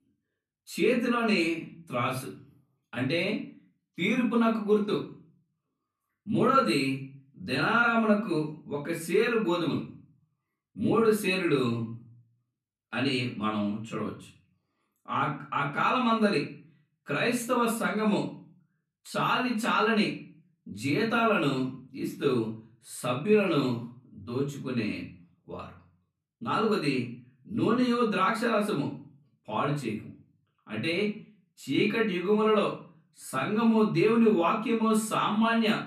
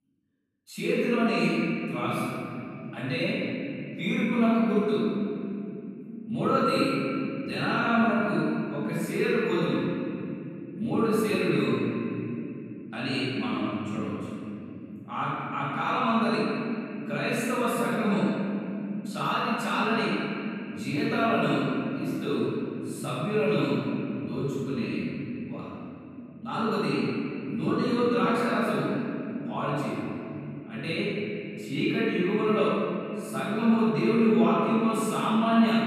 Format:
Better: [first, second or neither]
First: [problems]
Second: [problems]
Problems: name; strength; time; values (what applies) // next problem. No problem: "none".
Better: first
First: room echo; slight; dies away in 0.4 s // off-mic speech; far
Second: room echo; strong; dies away in 3 s // off-mic speech; far